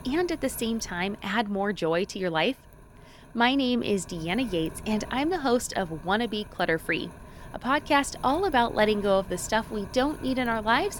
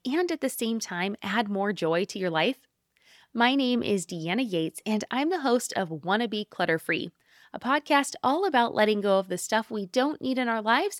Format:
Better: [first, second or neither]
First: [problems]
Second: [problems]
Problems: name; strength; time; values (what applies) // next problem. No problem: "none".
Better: second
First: wind noise on the microphone; occasional gusts; 20 dB below the speech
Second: none